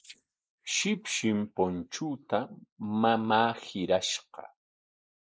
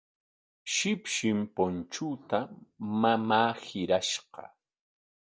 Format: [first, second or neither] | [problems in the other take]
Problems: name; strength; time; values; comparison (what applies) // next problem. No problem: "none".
second | noise reduction (neural mask model Resemble Enhance denoiser)